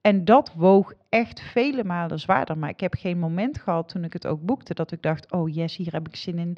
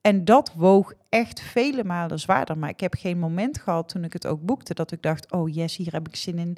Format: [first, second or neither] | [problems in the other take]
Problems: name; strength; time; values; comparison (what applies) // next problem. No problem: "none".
second | muffled; very slightly; fading above 4.5 kHz